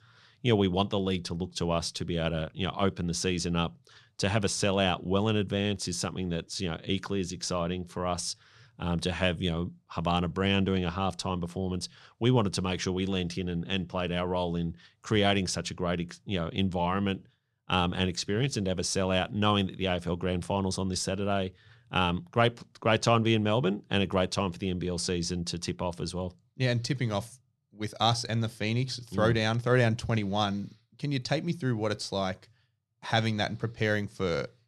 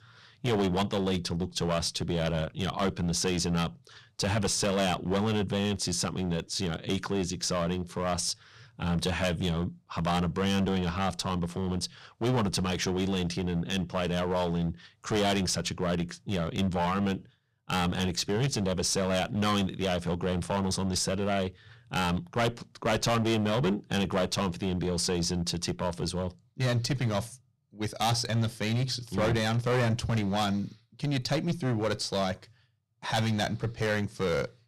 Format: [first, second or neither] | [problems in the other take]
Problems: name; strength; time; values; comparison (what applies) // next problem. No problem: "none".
first | distortion; heavy; 10% of the sound clipped